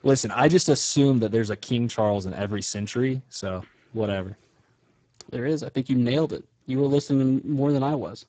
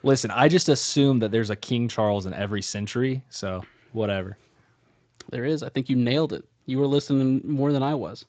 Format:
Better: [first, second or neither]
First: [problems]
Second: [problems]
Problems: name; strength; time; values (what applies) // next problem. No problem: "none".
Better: second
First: garbled, watery; badly; nothing above 8 kHz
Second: garbled, watery; slightly; nothing above 7.5 kHz